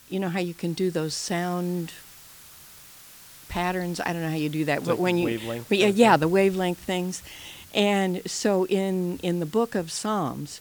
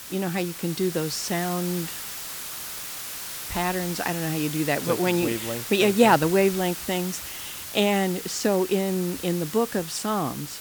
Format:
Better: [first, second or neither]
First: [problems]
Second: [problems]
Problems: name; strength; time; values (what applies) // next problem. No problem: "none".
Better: first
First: hiss; faint; throughout; 20 dB below the speech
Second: hiss; loud; throughout; 8 dB below the speech